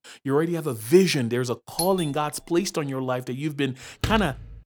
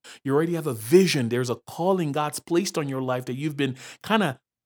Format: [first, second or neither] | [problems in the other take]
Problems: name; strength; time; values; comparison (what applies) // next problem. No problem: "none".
second | doorbell; noticeable; at 2 s; peak 5 dB below the speech // door banging; noticeable; at 4 s; peak 6 dB below the speech